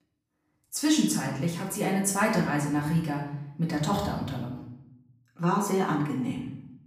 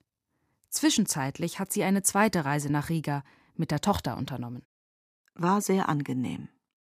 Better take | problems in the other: second | off-mic speech; far // room echo; noticeable; dies away in 0.6 s

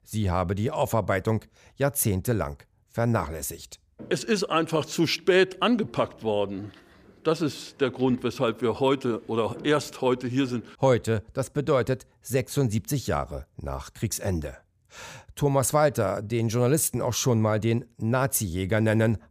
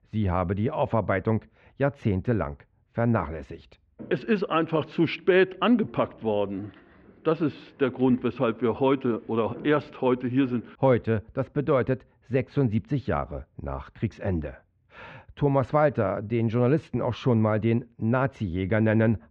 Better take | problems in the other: first | muffled; very; fading above 3 kHz

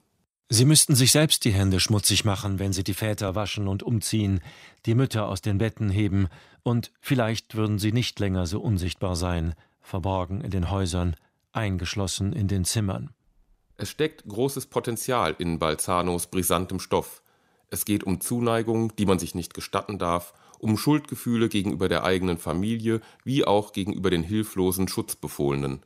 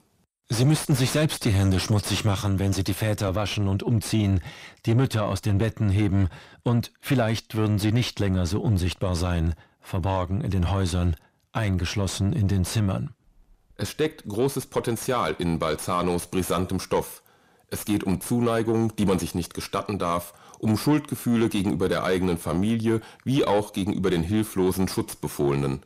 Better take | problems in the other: first | distortion; heavy; 8 dB below the speech

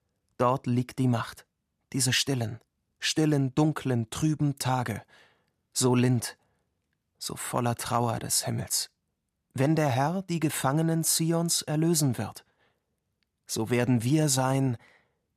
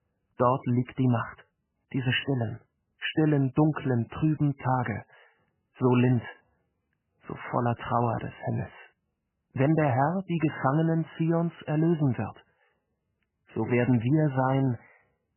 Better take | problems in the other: first | garbled, watery; badly; nothing above 3 kHz

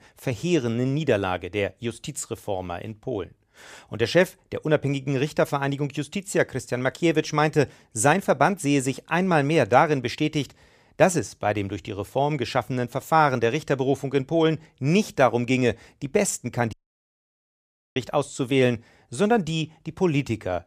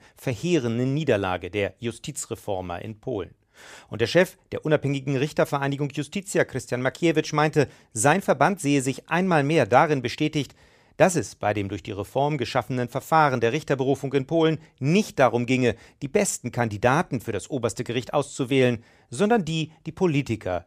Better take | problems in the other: second | audio cutting out; at 17 s for 1 s

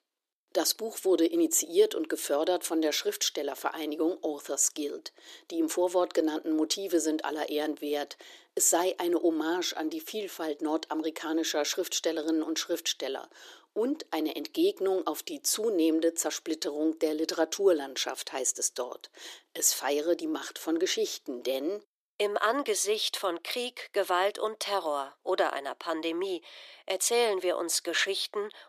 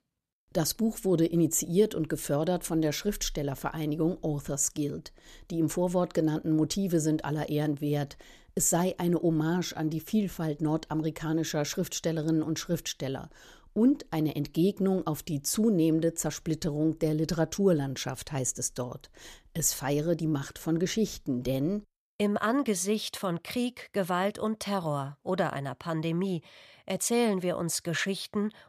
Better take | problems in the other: second | thin; very; fading below 350 Hz

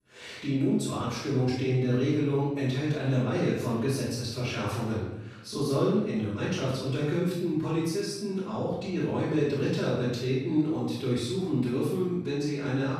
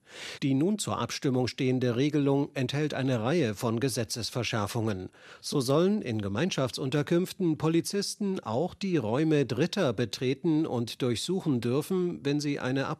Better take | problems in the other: second | off-mic speech; far // room echo; strong; dies away in 0.9 s

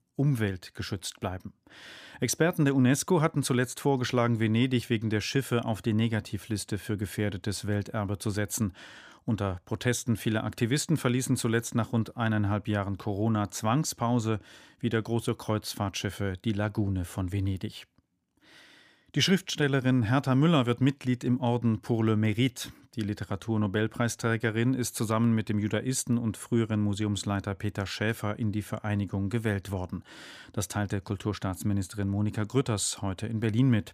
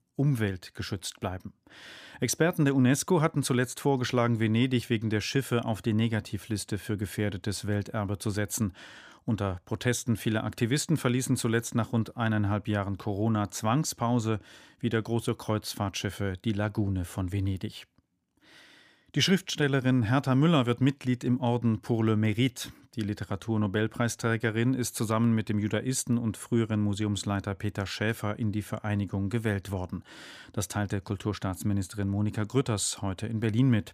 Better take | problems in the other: neither | none

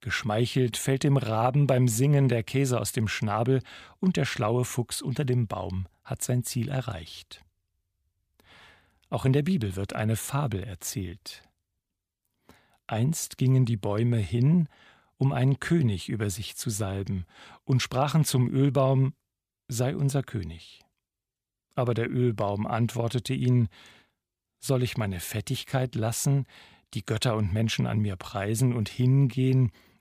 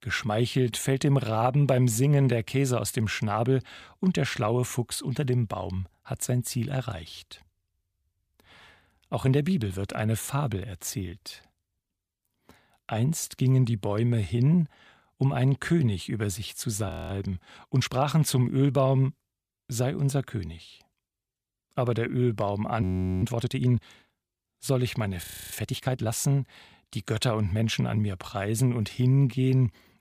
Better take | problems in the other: first | audio freezing; at 17 s, at 23 s and at 25 s

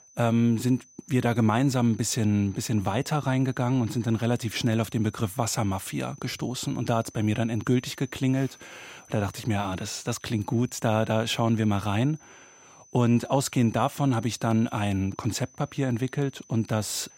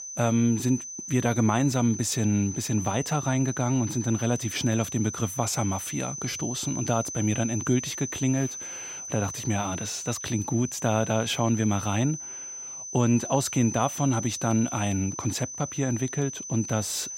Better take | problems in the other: first | high-pitched whine; loud; throughout; 6 kHz, 7 dB below the speech; faint in the first

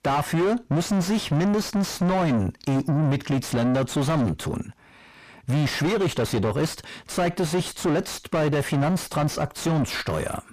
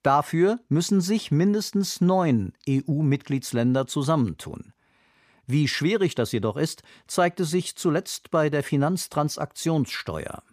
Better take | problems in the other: second | distortion; heavy; 6 dB below the speech

